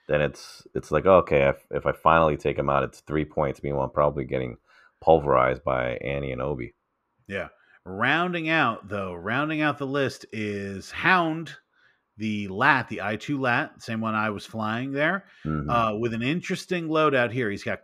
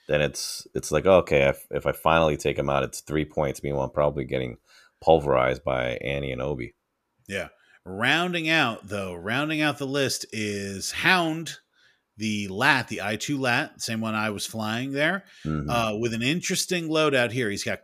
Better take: second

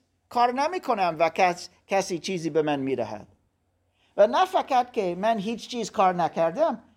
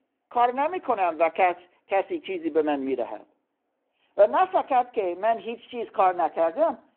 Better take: first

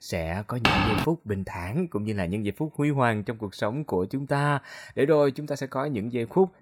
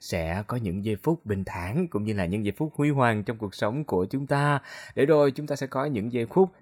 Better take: second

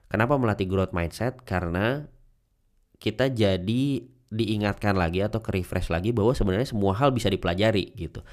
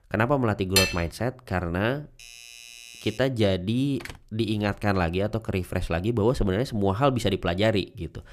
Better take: first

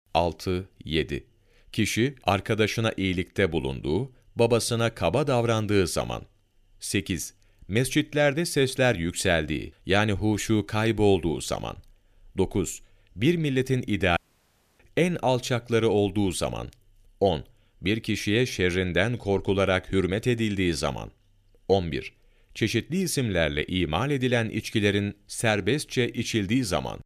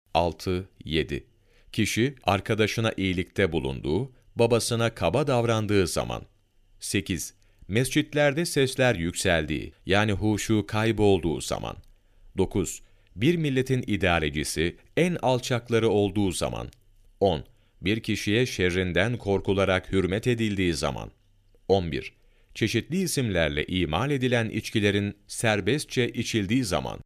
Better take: second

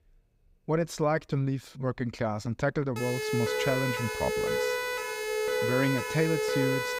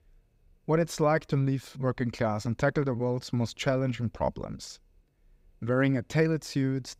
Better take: second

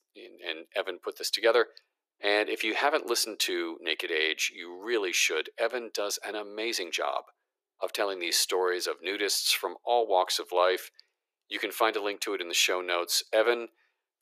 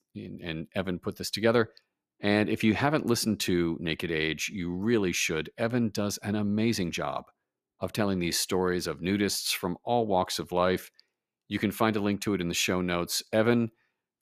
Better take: second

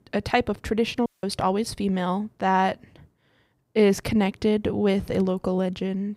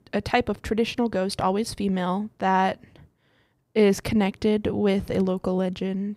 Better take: second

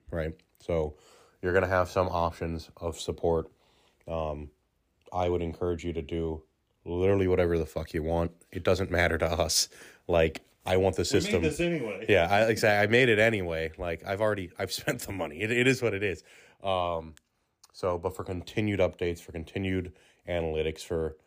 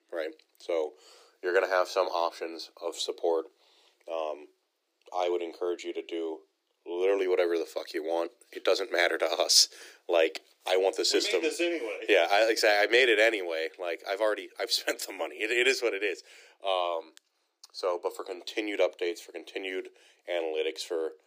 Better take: first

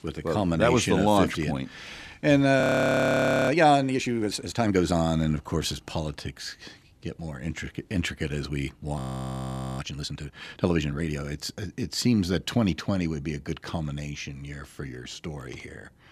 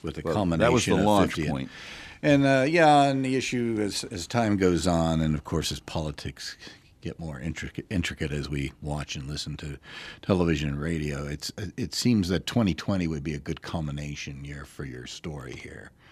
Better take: second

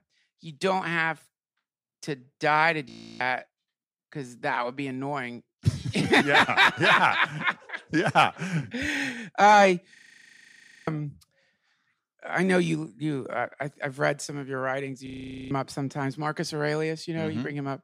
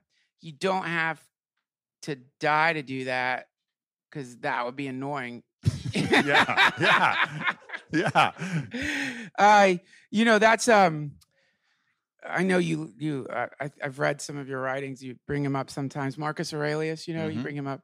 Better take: second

